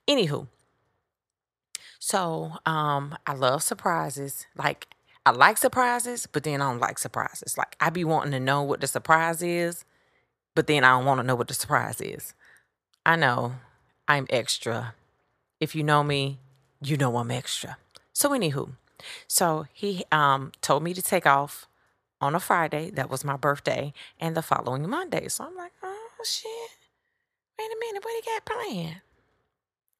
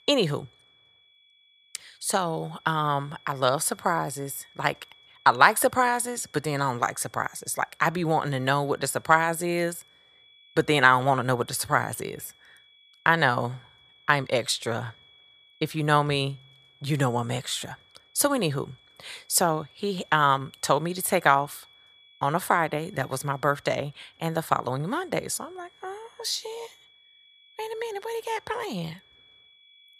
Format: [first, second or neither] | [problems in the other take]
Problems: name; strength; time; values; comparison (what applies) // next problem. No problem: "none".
first | high-pitched whine; faint; throughout; 3.5 kHz, 30 dB below the speech